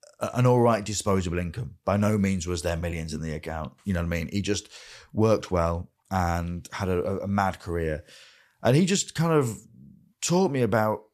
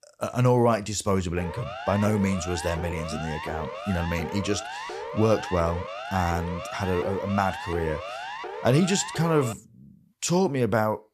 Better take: first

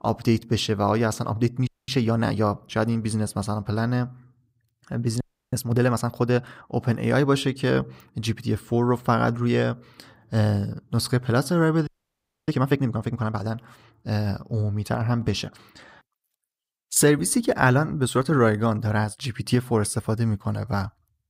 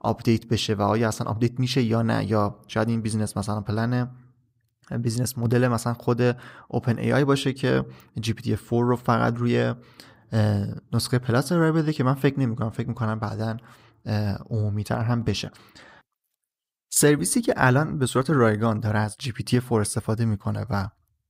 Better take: second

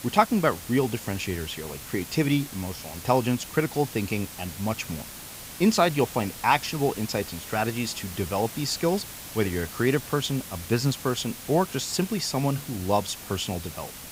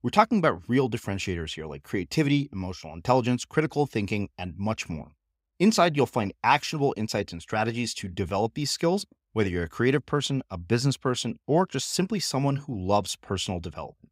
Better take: second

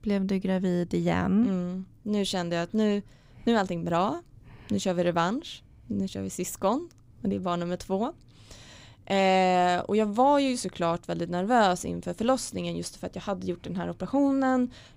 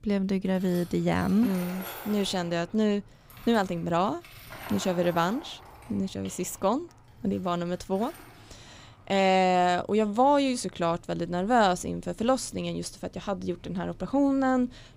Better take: first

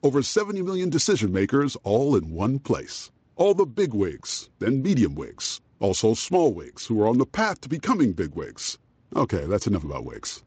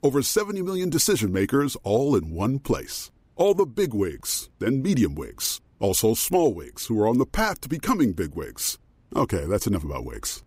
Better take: second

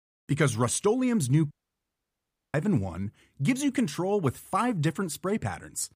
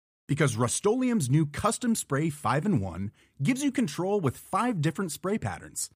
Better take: second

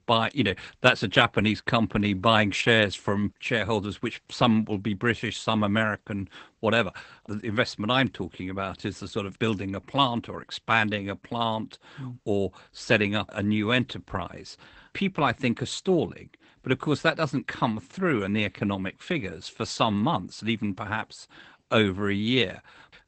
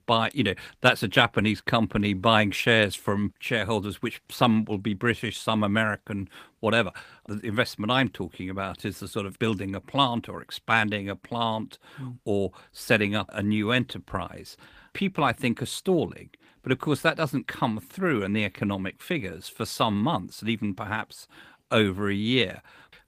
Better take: second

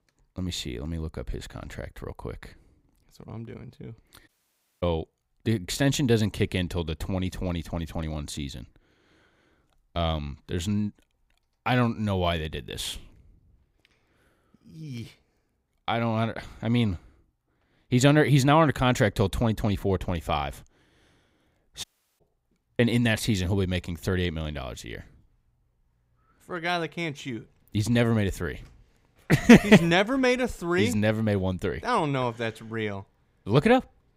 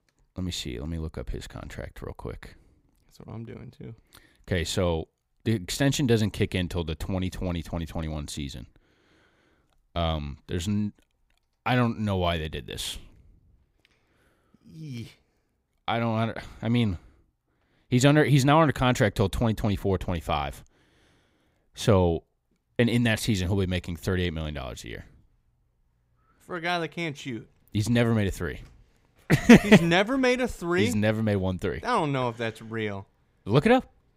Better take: second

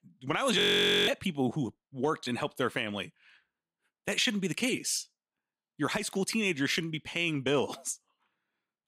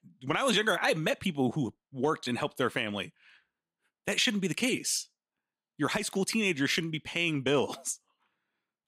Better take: second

